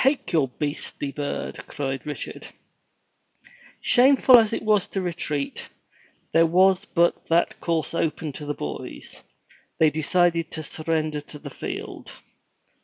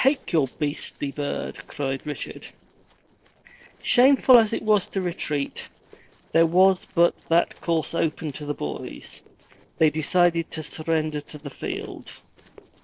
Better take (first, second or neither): first